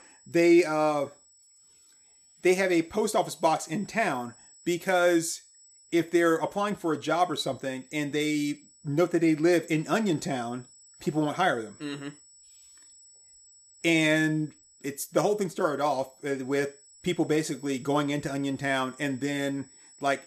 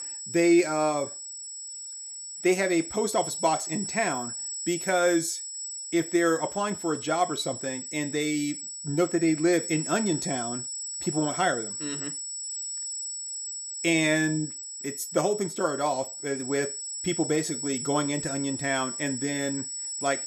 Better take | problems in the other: first | high-pitched whine; loud; throughout; 8 kHz, 6 dB below the speech; faint in the first

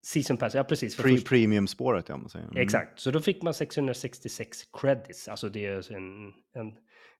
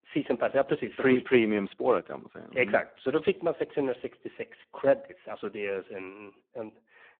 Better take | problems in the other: first | phone-call audio; poor line

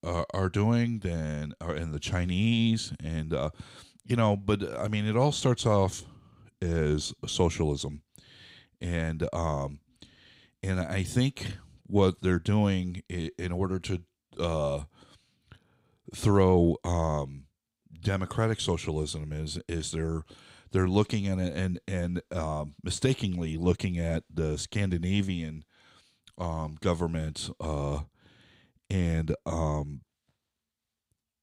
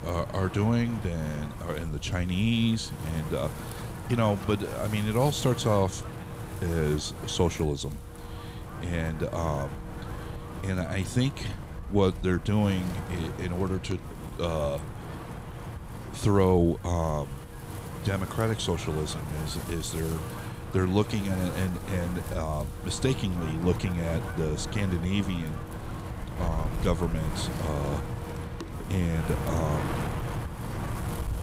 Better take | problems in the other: first | wind noise on the microphone; heavy; 8 dB below the speech

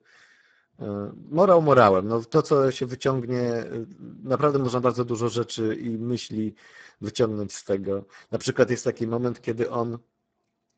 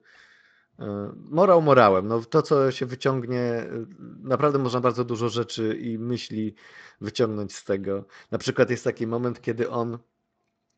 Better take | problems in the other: second | garbled, watery; badly; nothing above 7.5 kHz; slightly in the second

